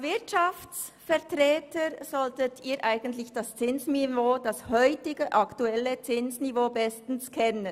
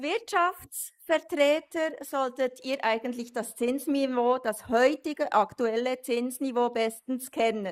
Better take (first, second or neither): first